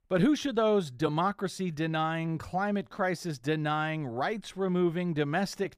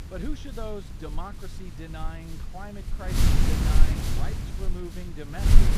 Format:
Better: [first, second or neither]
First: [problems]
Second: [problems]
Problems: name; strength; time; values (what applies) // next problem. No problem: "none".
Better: first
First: none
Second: wind noise on the microphone; heavy; 4 dB above the speech